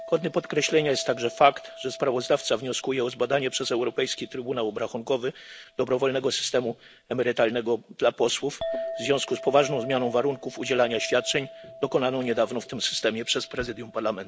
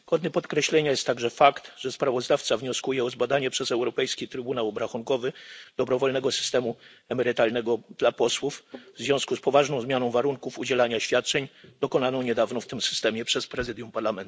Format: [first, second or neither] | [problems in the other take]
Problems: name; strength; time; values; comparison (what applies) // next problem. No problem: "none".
second | background sound (Chink, clink); 15 dB below the speech